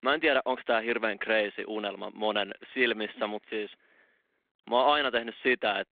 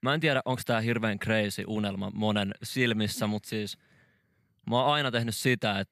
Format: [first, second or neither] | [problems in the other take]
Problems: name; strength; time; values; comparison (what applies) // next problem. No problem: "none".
second | phone-call audio; nothing above 3.5 kHz